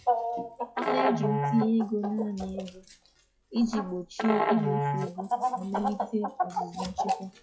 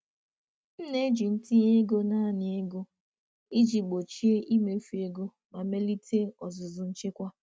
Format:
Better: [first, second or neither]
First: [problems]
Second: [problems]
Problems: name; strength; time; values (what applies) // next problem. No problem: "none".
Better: second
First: noise reduction (classical method log-MMSE)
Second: none